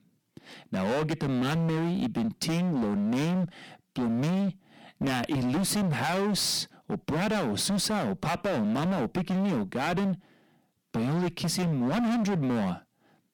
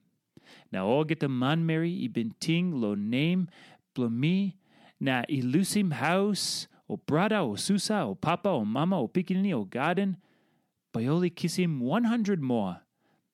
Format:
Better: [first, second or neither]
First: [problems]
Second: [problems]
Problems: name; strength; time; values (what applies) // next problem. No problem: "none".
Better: second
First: distortion; heavy; 31% of the sound clipped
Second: none